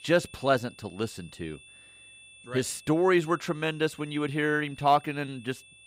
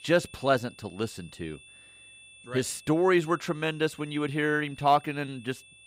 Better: neither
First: high-pitched whine; faint; throughout; 2.5 kHz, 20 dB below the speech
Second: high-pitched whine; faint; throughout; 2.5 kHz, 20 dB below the speech

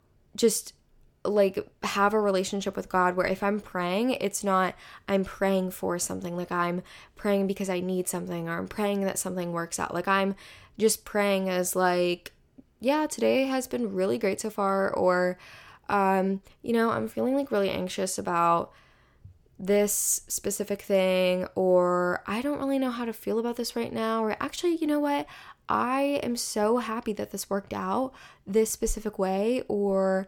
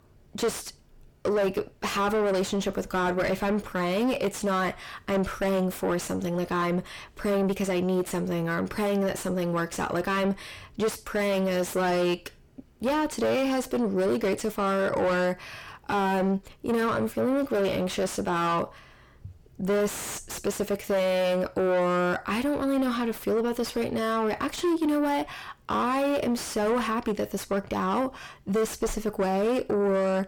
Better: first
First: none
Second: distortion; heavy; 6 dB below the speech

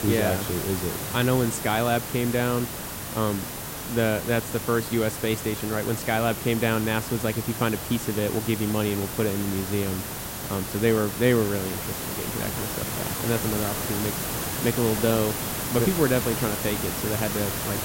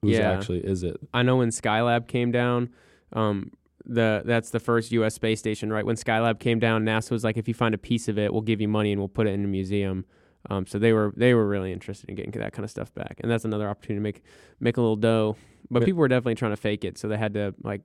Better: second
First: hiss; loud; throughout; 4 dB below the speech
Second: none

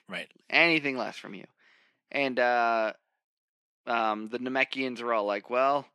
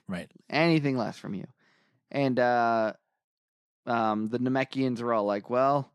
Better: second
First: thin; very slightly; fading below 300 Hz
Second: none

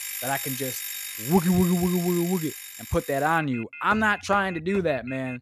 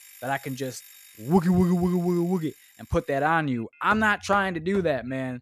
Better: second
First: alarms or sirens; loud; throughout; 9 dB below the speech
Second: alarms or sirens; faint; throughout; 25 dB below the speech

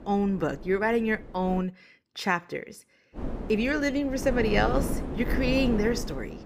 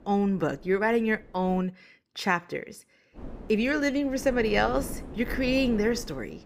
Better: second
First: wind noise on the microphone; heavy; until 1.5 s and from 3 s on; 10 dB below the speech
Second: wind noise on the microphone; occasional gusts; until 1.5 s and from 3 s on; 15 dB below the speech

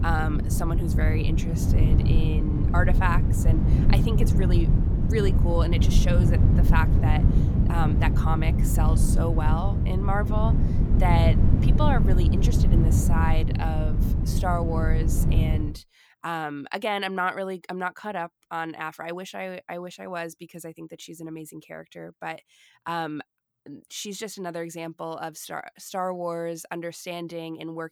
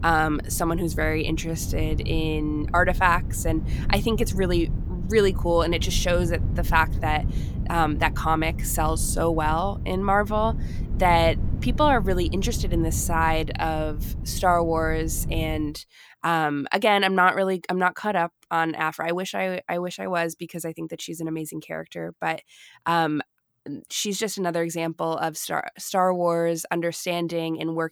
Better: second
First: wind noise on the microphone; heavy; until 16 s; 4 dB below the speech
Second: wind noise on the microphone; occasional gusts; until 16 s; 20 dB below the speech

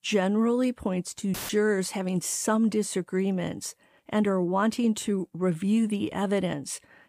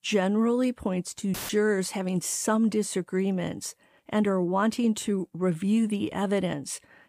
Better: neither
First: audio cutting out; filled with static; at 1.5 s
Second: audio cutting out; filled with static; at 1.5 s

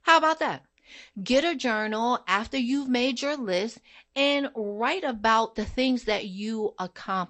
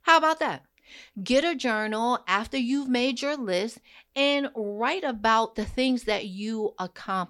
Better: second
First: garbled, watery; slightly; nothing above 8 kHz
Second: none

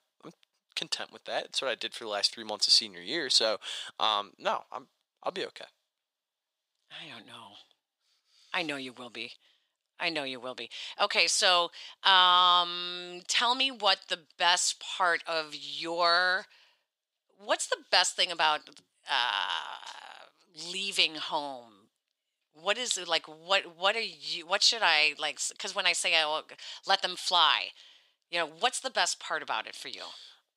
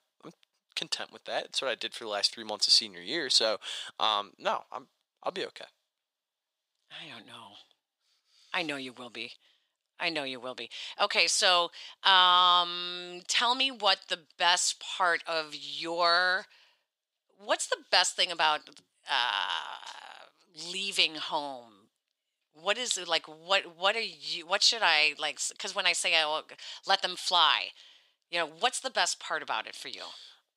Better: neither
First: thin; very; fading below 750 Hz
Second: thin; very; fading below 750 Hz

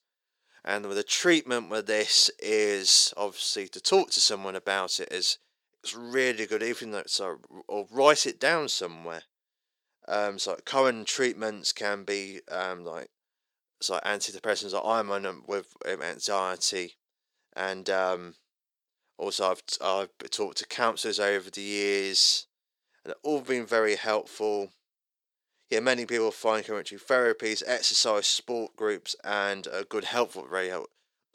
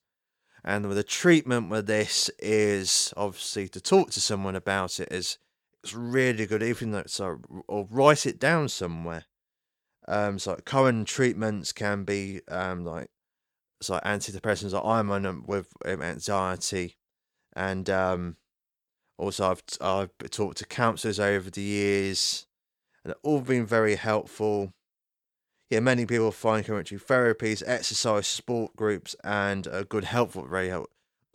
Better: second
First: thin; somewhat; fading below 400 Hz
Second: none

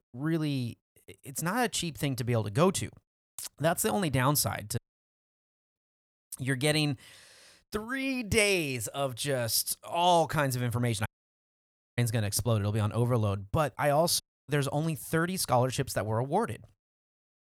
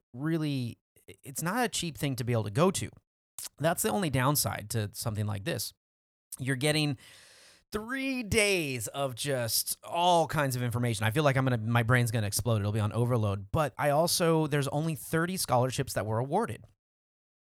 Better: second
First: audio cutting out; at 5 s for 1 s, at 11 s for 1 s and at 14 s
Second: none

